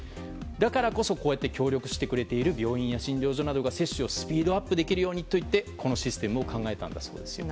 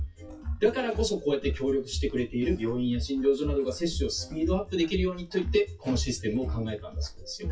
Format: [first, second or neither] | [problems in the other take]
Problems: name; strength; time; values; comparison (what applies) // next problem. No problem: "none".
first | noise reduction (classical method WPE with log-MMSE)